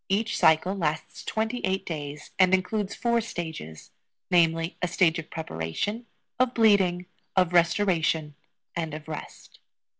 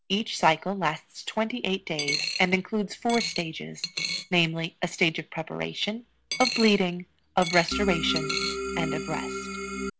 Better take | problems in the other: first | background sound (Coin (dropping) + Organ); 4 dB below the speech

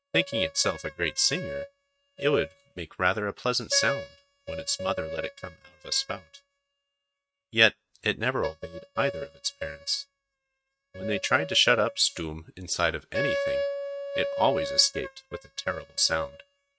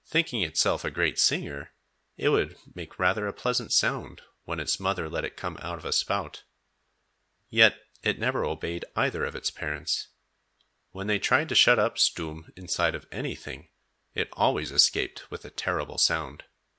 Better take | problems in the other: second | noise reduction (neural mask model RNNoise)

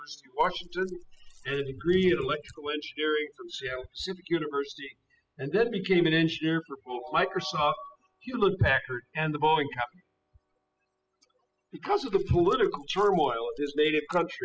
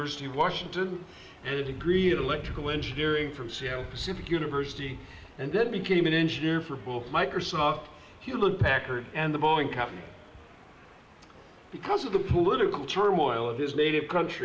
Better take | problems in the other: second | noise reduction (classical method spectral subtraction)

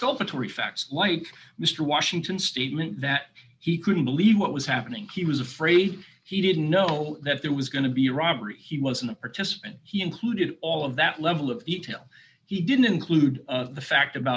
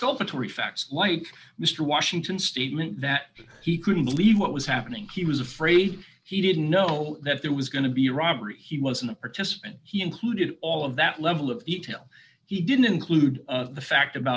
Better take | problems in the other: first | noise reduction (neural separator model SepFormer DNS4)

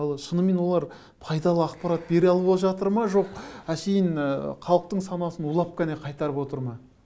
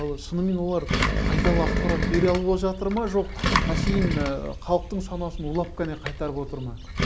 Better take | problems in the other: first | background sound (Engine); as loud as the speech

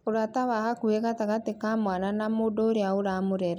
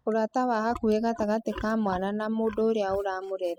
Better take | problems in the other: first | noise reduction (classical method spectral subtraction)

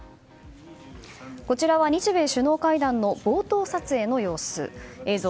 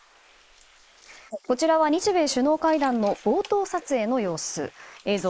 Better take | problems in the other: first | noise reduction (neural mask model Resemble Enhance denoiser)

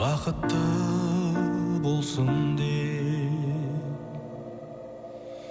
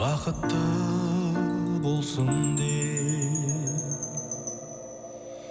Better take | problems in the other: first | background sound (Wind chime); 10 dB below the speech

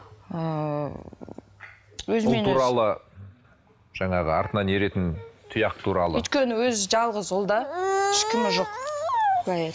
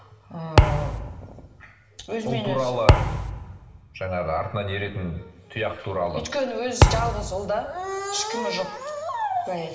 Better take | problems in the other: first | background sound (Thump, thud); 4 dB above the speech // room echo; dies away in 1 s

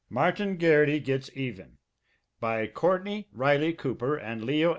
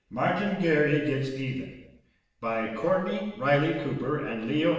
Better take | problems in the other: first | room echo; dies away in 1 s

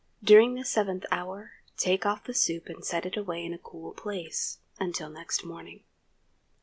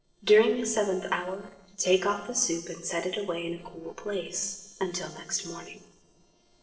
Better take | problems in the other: first | noise reduction (neural separator model SepFormer DNS4)

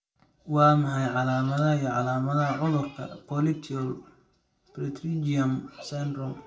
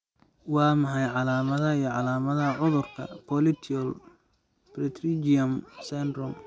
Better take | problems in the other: second | room echo; dies away in 0.3 s

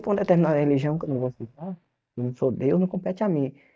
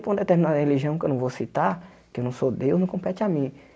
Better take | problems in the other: second | noise reduction (neural mask model DeepFilterNet 3)

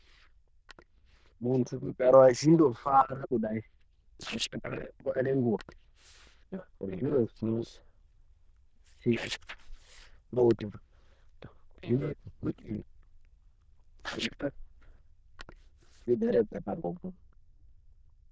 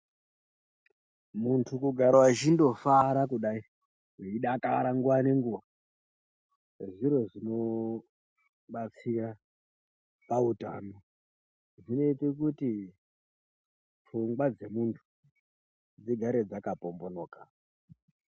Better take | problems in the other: second | noise reduction (neural diffusion model UNIVERSE++)

